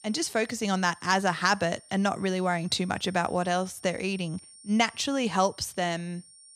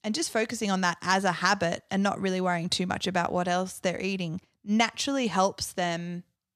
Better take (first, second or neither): second